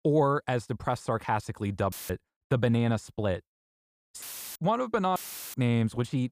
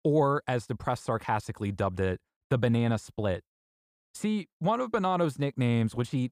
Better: second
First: audio cutting out; filled with static; at 2 s, at 4 s and at 5 s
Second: none

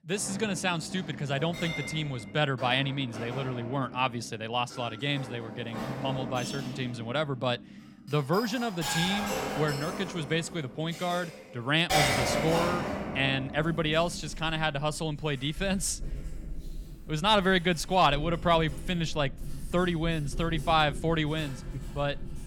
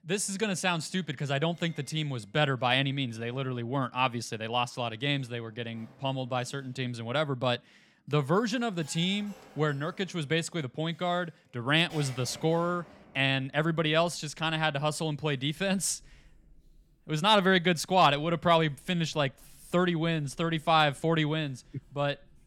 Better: second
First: household noises; loud; throughout; 7 dB below the speech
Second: household noises; faint; throughout; 30 dB below the speech

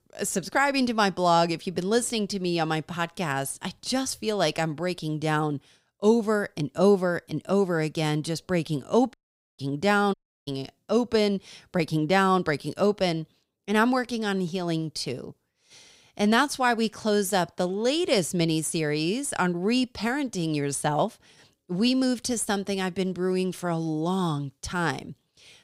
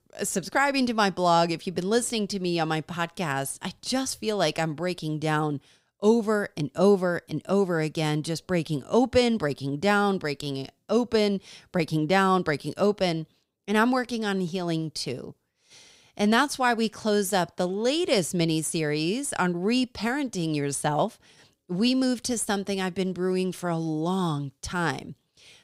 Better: second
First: audio cutting out; at 9 s and at 10 s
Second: none

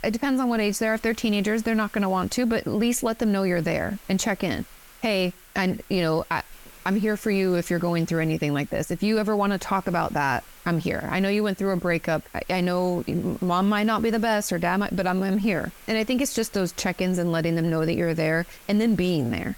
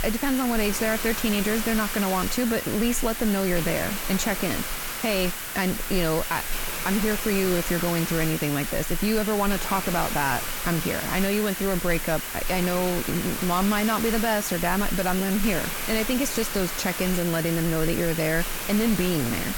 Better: first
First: hiss; faint; throughout; 25 dB below the speech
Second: hiss; loud; throughout; 4 dB below the speech

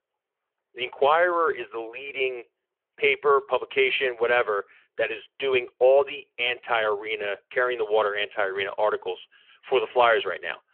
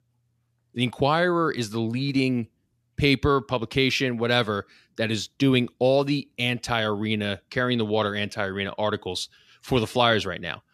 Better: second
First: phone-call audio; nothing above 3 kHz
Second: none

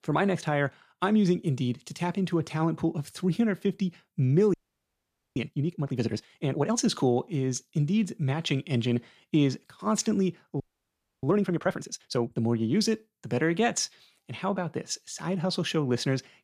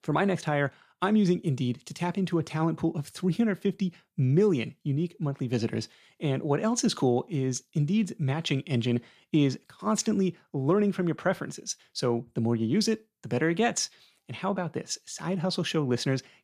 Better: second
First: audio freezing; at 4.5 s for 1 s and at 11 s for 0.5 s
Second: none

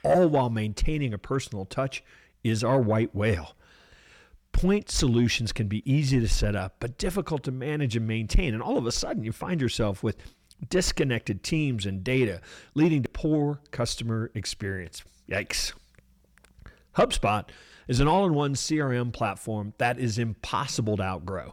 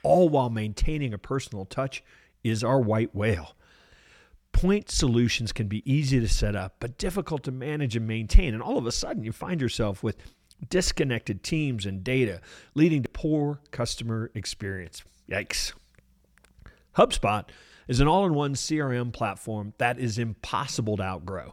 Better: second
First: distortion; slight; 10 dB below the speech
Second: none

